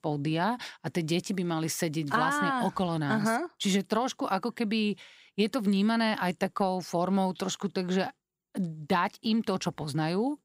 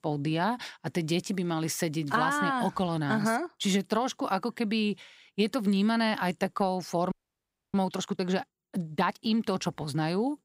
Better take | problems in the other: first | audio freezing; at 7 s for 0.5 s

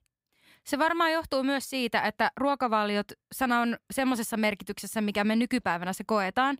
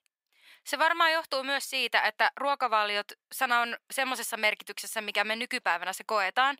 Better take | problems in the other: first | thin; very; fading below 650 Hz

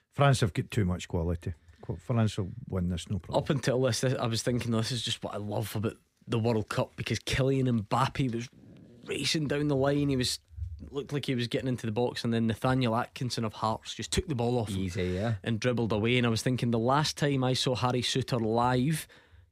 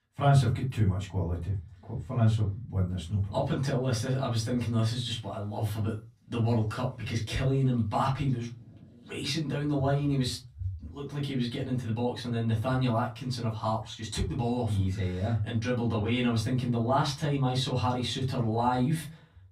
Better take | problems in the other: first | off-mic speech; far // room echo; very slight; dies away in 0.3 s

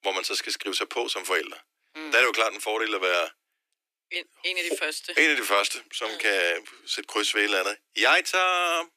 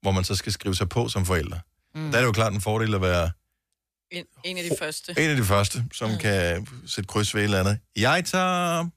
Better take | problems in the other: second | thin; very; fading below 300 Hz

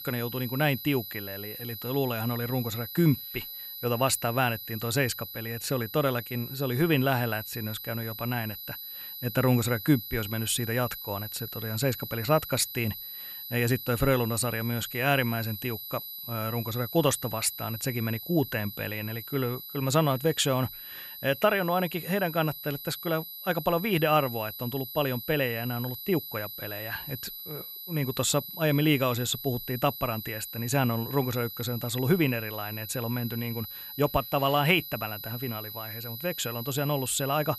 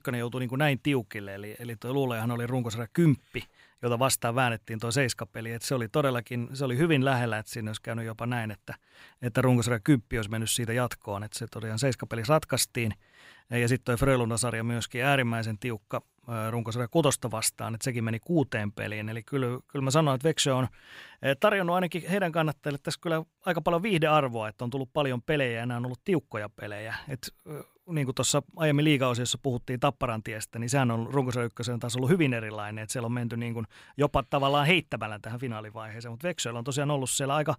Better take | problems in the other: second | high-pitched whine; loud; throughout; 12 kHz, 9 dB below the speech

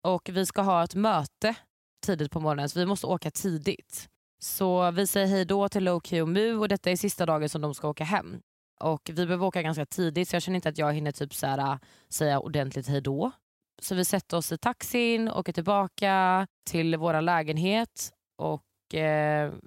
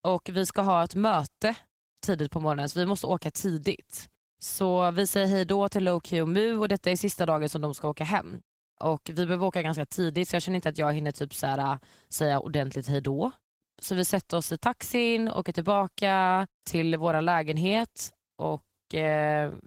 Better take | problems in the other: first | garbled, watery; slightly; nothing above 16 kHz

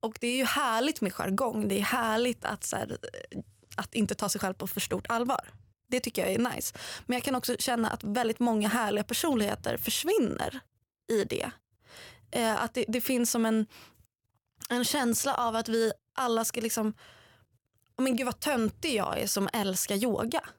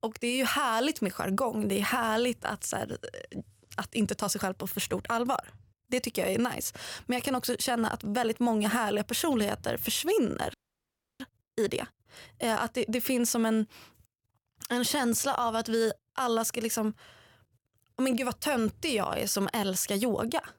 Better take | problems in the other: first | audio freezing; at 11 s for 0.5 s

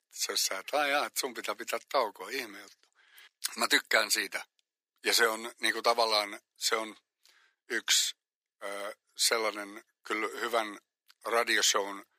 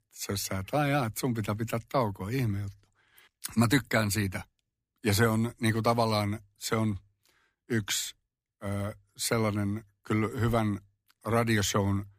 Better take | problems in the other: second | thin; very; fading below 400 Hz

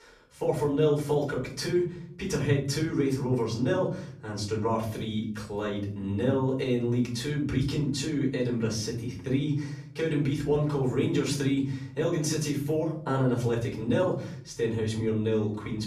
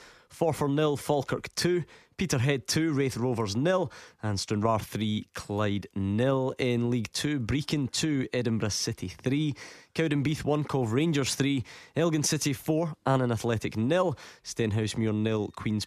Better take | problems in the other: second | off-mic speech; far // room echo; slight; dies away in 0.7 s

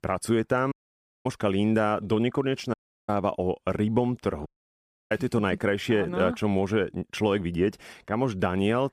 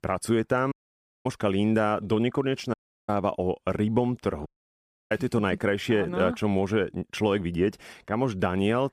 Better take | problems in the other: neither | audio cutting out; at 0.5 s for 0.5 s, at 2.5 s and at 4.5 s for 0.5 s; the same in both

